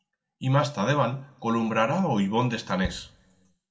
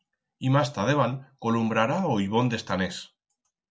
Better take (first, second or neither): second